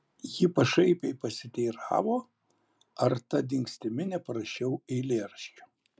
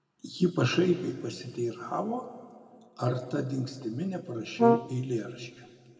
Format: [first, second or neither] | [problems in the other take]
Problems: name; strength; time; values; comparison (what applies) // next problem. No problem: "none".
first | background sound (Brass instrument); 4 dB above the speech // room echo; dies away in 1.9 s